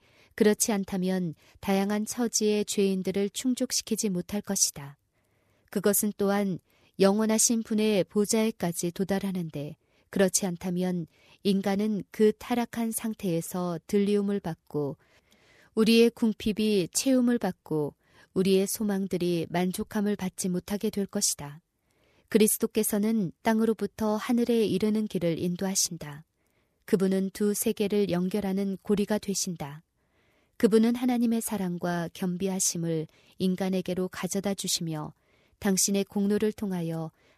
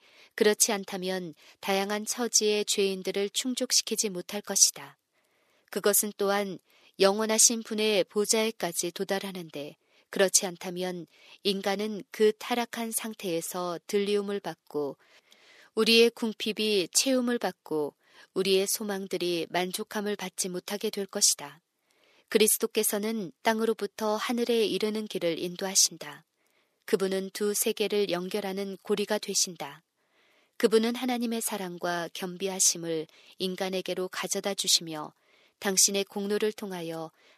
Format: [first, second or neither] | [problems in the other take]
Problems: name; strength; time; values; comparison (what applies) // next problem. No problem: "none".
first | thin; somewhat; fading below 350 Hz